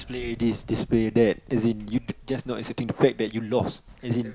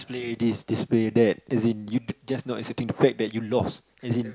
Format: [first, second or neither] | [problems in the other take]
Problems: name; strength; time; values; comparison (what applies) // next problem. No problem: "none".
second | background sound (Run); 20 dB below the speech